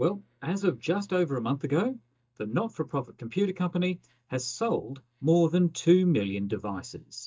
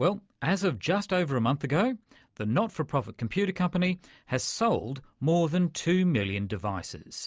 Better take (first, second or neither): second